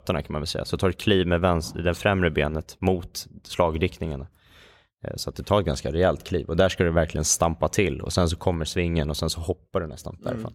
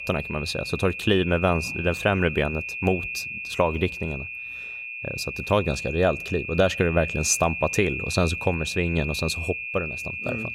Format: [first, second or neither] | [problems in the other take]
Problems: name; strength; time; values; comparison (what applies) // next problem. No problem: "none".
first | high-pitched whine; loud; throughout; 2.5 kHz, 6 dB below the speech